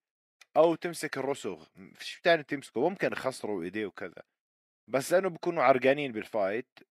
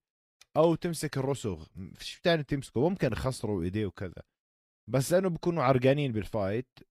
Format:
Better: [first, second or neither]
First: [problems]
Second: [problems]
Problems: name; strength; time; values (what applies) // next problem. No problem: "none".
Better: second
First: thin; somewhat; fading below 300 Hz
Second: none